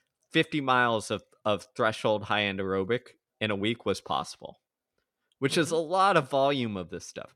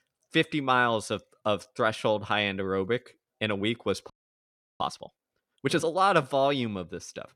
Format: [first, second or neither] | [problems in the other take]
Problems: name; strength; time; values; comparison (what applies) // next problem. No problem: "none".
first | audio freezing; at 4 s for 0.5 s